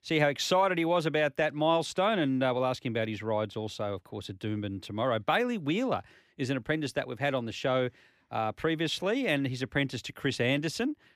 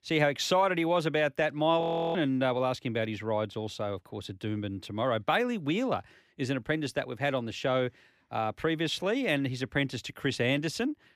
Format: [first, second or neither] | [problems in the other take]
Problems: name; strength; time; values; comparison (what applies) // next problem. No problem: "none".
first | audio freezing; at 2 s